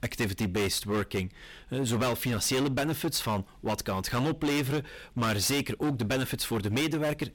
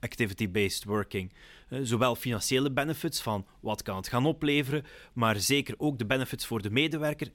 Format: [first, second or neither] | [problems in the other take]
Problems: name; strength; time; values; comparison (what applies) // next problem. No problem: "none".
second | distortion; heavy; 19% of the sound clipped